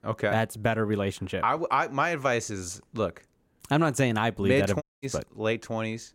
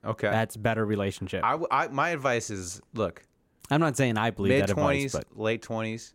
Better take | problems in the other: second | audio cutting out; at 5 s

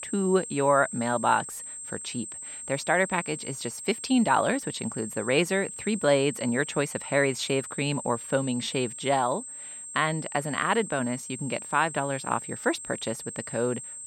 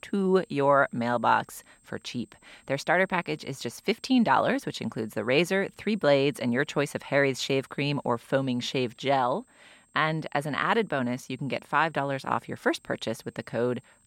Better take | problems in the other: second | high-pitched whine; loud; throughout; 8.5 kHz, 9 dB below the speech; faint in the second

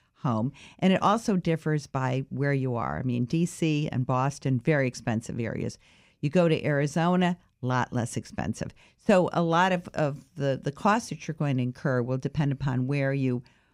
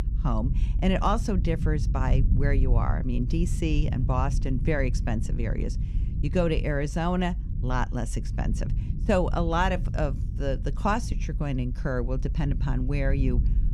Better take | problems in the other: first | low rumble; noticeable; throughout; 15 dB below the speech

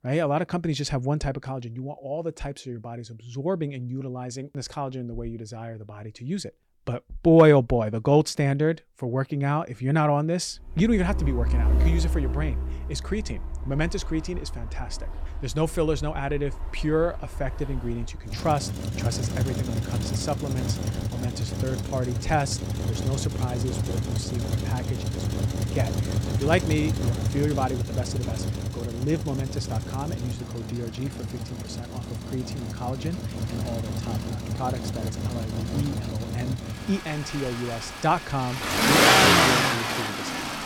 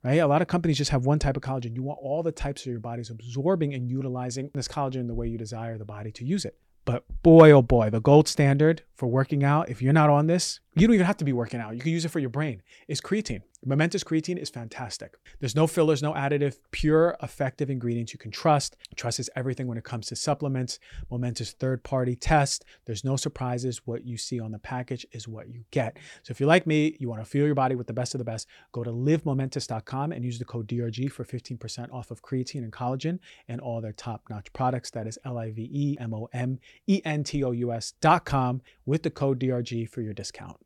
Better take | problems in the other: second | traffic noise; very loud; from 11 s on; 1 dB above the speech

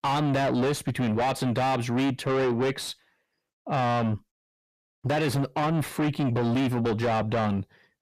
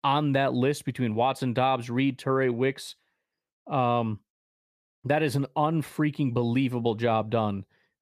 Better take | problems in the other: second | distortion; heavy; 6 dB below the speech

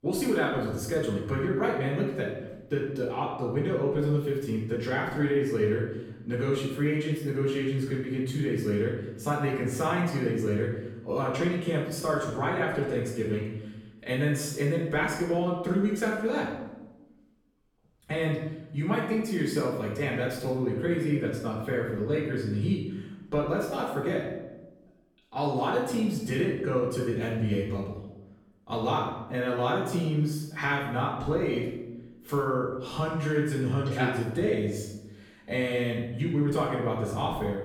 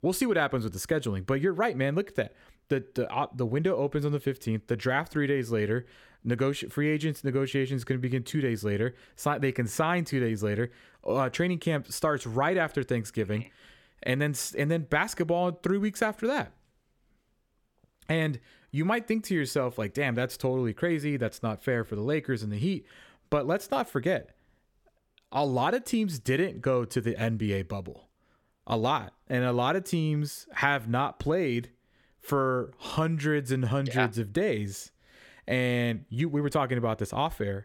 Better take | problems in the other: second | room echo; noticeable; dies away in 0.8 s // off-mic speech; far

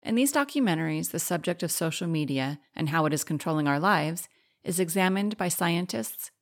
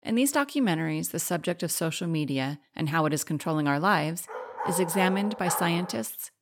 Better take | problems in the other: first | dog barking; noticeable; from 4.5 s on; peak 5 dB below the speech

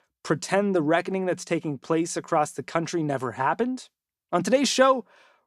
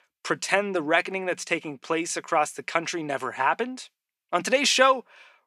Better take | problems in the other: first | thin; very slightly; fading below 650 Hz

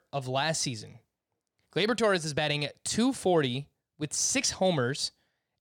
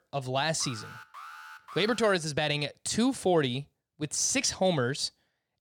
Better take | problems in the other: first | alarm; faint; from 0.5 to 2 s; peak 15 dB below the speech

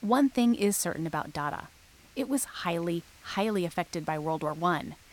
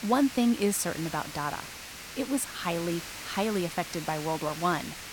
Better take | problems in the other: first | hiss; loud; throughout; 9 dB below the speech; faint in the first

